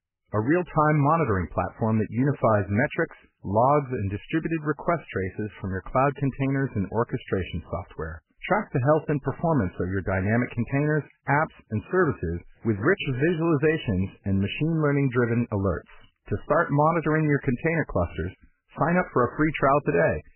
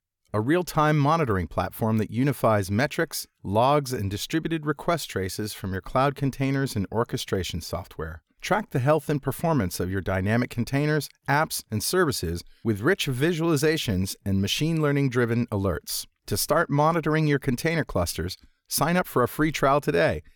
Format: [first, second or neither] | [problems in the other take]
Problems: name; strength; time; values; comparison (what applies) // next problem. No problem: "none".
second | garbled, watery; badly; nothing above 3 kHz